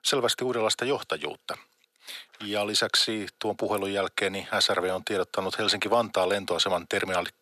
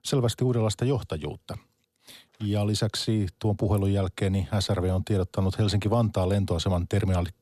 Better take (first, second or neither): second